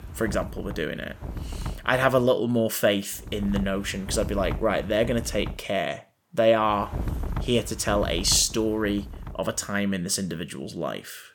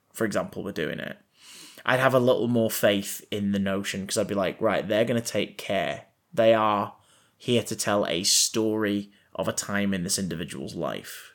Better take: second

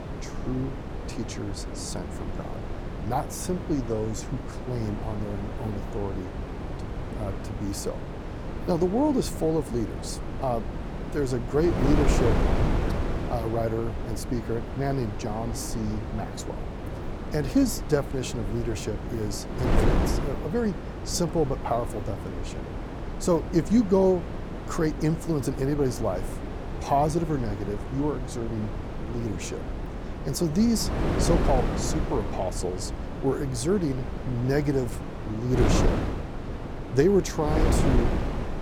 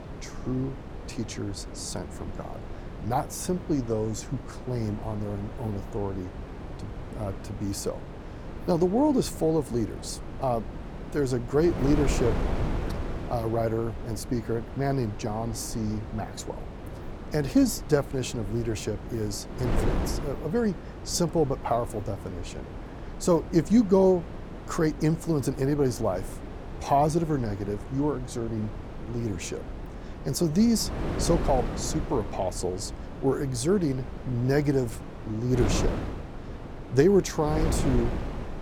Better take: second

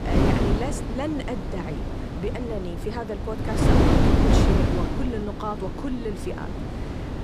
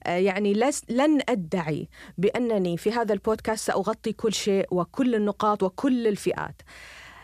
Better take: second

